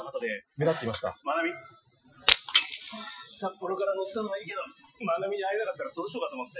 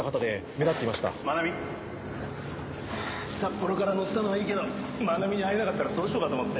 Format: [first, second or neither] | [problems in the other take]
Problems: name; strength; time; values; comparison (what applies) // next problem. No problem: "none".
second | noise reduction (classical method Wiener filter)